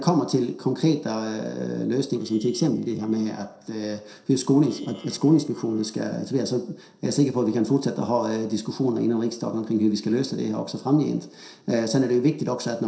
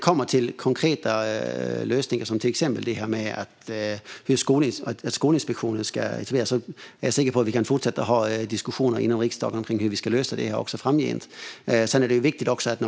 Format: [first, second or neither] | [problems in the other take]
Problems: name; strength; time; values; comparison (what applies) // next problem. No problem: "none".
second | noise reduction (neural separator model SepFormer DNS4)